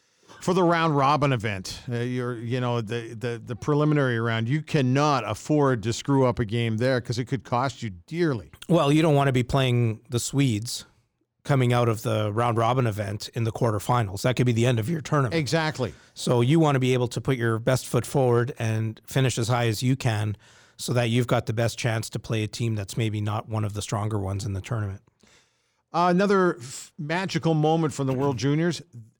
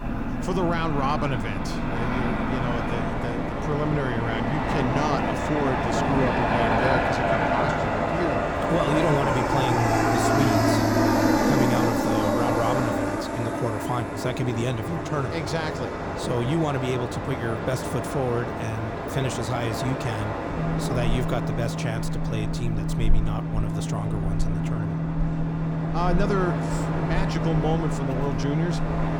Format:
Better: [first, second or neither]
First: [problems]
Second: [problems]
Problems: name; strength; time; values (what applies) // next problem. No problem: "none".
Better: first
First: none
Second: train or aircraft noise; very loud; throughout; 3 dB above the speech